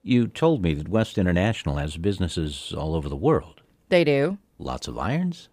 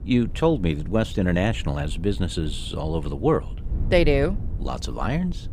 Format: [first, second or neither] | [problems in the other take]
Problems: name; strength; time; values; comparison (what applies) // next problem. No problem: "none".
first | wind noise on the microphone; occasional gusts; 20 dB below the speech